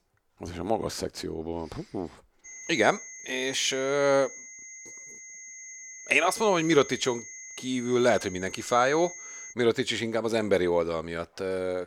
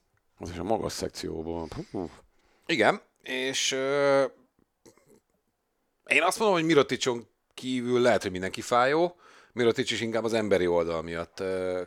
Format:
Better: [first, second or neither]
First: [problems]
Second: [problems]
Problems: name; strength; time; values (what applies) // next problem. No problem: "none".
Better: second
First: high-pitched whine; noticeable; from 2.5 to 9.5 s; 6.5 kHz, 15 dB below the speech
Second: none